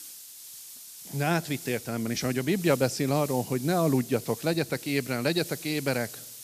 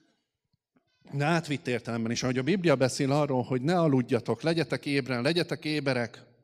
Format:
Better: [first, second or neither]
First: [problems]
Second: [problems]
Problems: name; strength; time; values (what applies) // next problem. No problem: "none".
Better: second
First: hiss; noticeable; throughout; 10 dB below the speech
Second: none